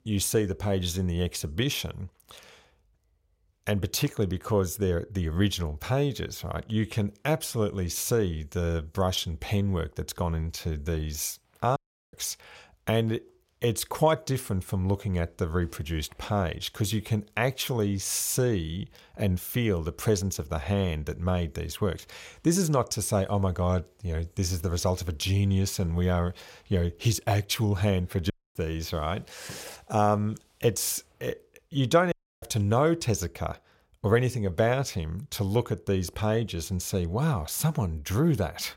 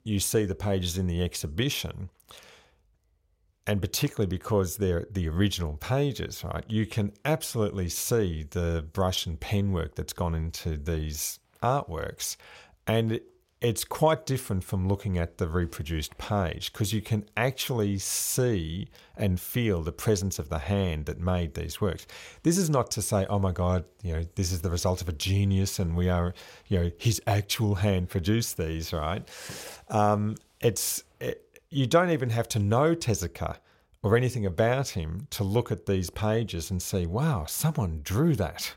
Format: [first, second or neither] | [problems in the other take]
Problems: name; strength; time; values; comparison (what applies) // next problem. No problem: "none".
second | audio cutting out; at 12 s, at 28 s and at 32 s